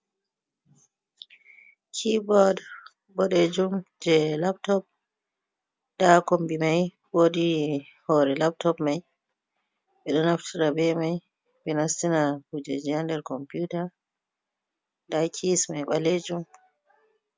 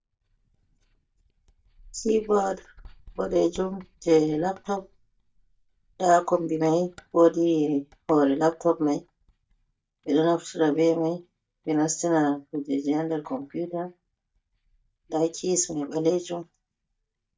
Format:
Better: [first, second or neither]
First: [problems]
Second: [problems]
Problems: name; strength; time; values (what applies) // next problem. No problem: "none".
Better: first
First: none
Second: noise reduction (neural mask model DeepFilterNet 3)